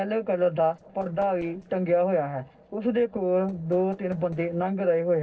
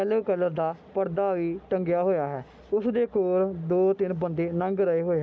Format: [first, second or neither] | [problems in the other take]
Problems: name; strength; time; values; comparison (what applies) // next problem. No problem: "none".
second | noise reduction (neural separator model SepFormer DNS4)